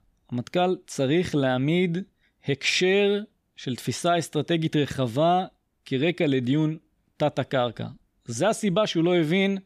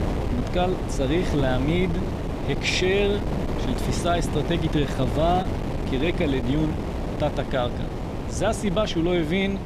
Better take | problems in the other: first | wind noise on the microphone; heavy; 7 dB below the speech

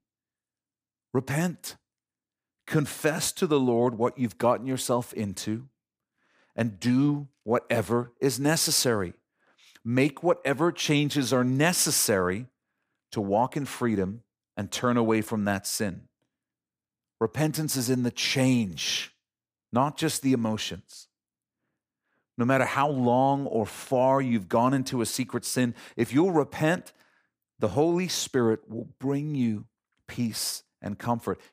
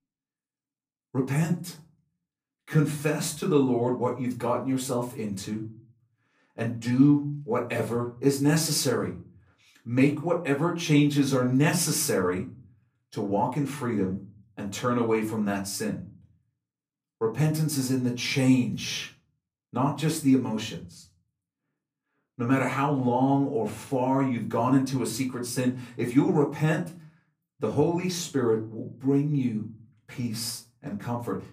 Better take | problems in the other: first | off-mic speech; far // room echo; very slight; dies away in 0.3 s

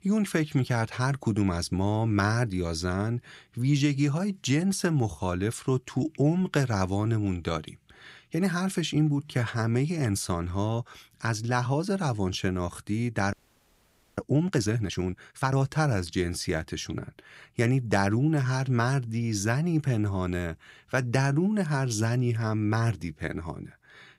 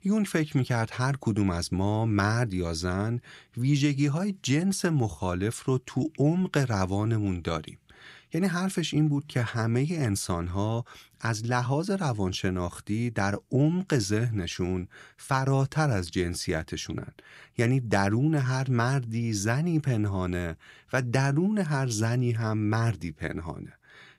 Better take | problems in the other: second | audio freezing; at 13 s for 1 s

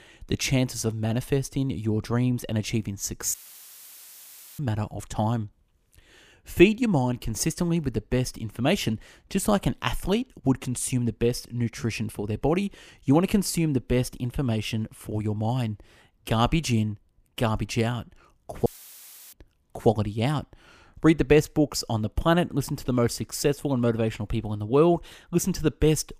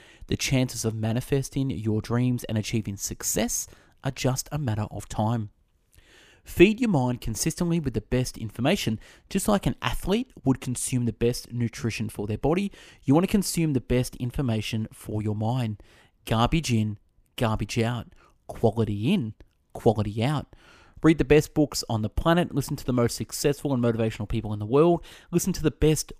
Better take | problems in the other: second | audio cutting out; filled with static; at 3.5 s for 1.5 s and at 19 s for 0.5 s

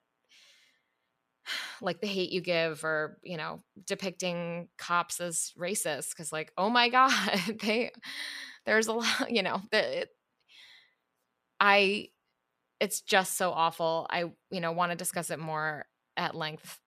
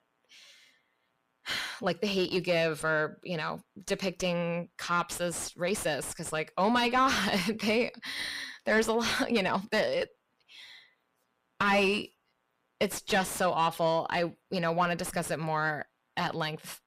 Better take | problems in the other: first | distortion; heavy; 6 dB below the speech

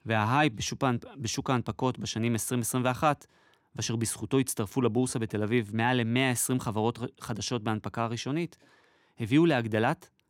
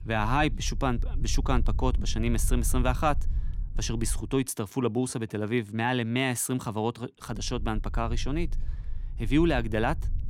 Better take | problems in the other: first | low rumble; faint; until 4.5 s and from 7.5 s on; 25 dB below the speech

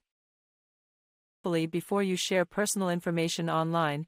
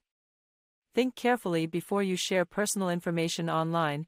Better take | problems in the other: second | audio freezing; at 1 s for 0.5 s

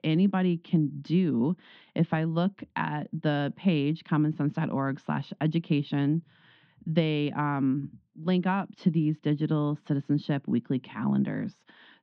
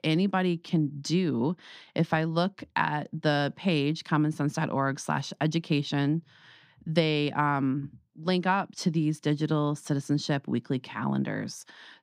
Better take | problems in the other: second | muffled; slightly; fading above 3.5 kHz

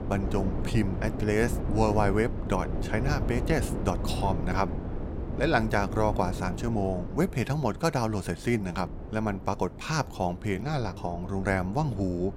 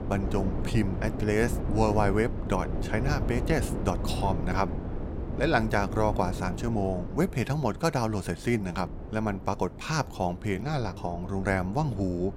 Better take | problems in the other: neither | wind noise on the microphone; occasional gusts; 10 dB below the speech; the same in both

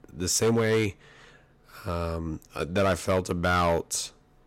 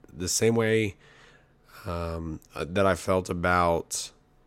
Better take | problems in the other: second | distortion; slight; 5% of the sound clipped

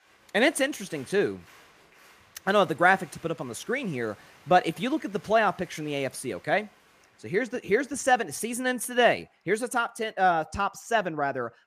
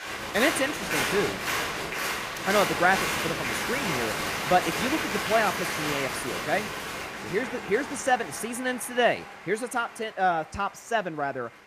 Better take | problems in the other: first | crowd noise; loud; throughout; 1 dB below the speech; faint in the first

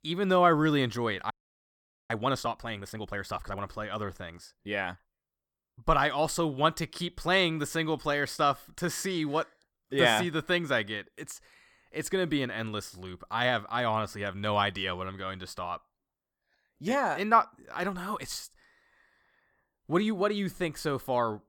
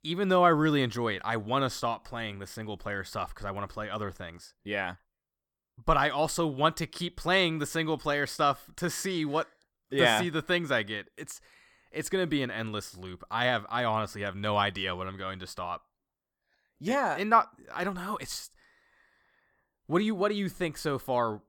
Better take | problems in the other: second | audio freezing; at 1.5 s for 1 s

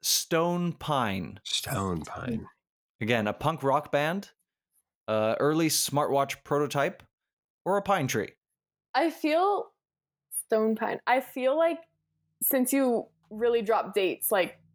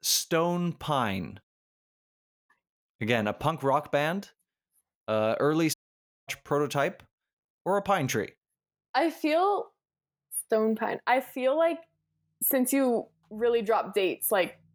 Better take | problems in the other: first | audio cutting out; at 1.5 s for 1 s and at 5.5 s for 0.5 s

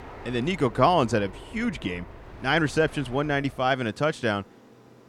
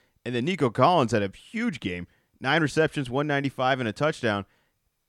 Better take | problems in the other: second | train or aircraft noise; noticeable; throughout; 20 dB below the speech

